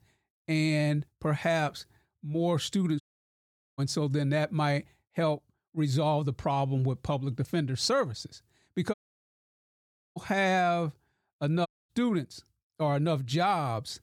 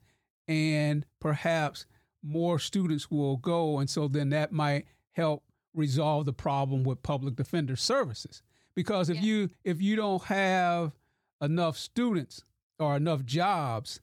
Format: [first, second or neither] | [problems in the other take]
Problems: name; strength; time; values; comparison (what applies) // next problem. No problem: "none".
second | audio cutting out; at 3 s for 1 s, at 9 s for 1 s and at 12 s